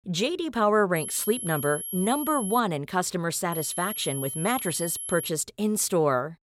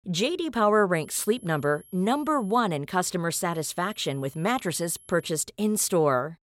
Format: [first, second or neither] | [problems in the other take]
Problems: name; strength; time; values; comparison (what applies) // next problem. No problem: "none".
second | high-pitched whine; loud; from 1 to 2.5 s and from 3.5 to 5.5 s; 11.5 kHz, 6 dB below the speech; faint in the second